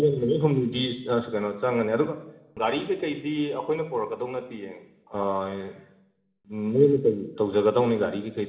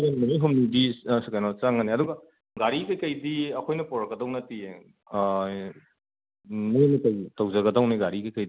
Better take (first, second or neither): second